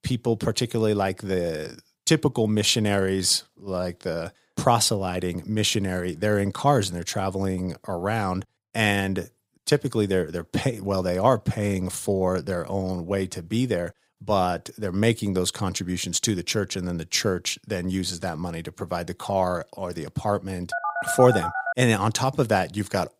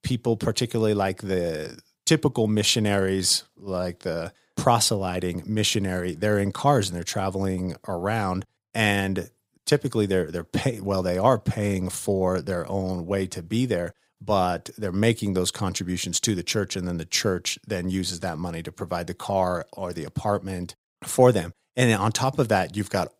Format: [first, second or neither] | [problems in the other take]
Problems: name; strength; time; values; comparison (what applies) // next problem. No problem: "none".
second | phone ringing; noticeable; from 21 to 22 s; peak 2 dB below the speech